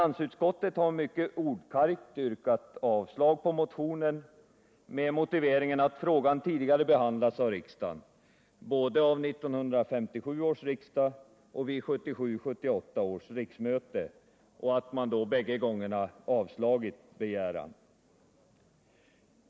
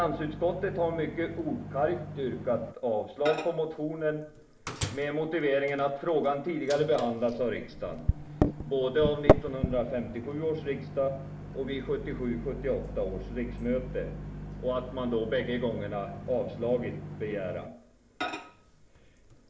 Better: first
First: none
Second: background sound (Microwave oven); 4 dB below the speech // room echo; dies away in 0.5 s

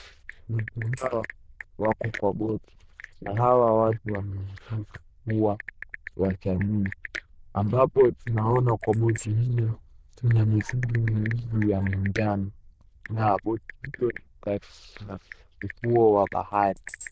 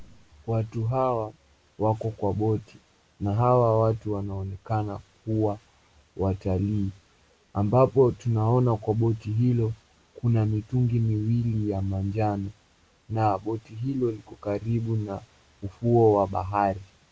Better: second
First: noise reduction (neural diffusion model UNIVERSE++)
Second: none

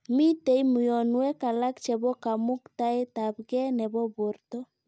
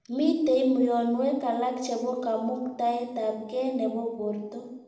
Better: first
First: none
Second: room echo; dies away in 0.9 s

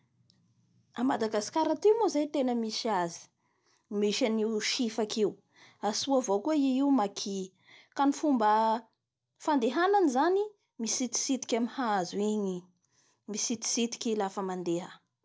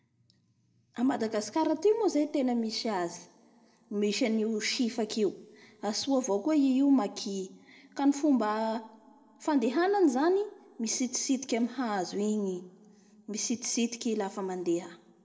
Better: first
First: none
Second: room echo; dies away in 0.9 s

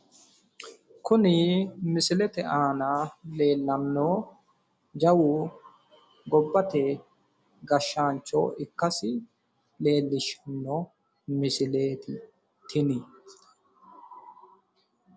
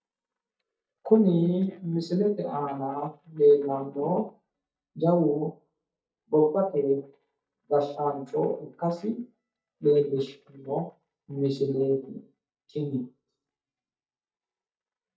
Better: first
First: none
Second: noise reduction (neural mask model DeepFilterNet 3)

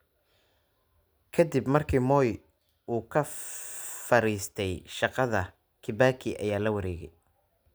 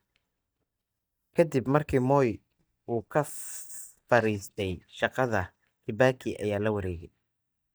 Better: first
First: none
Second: noise reduction (neural mask model DeepFilterNet 3)

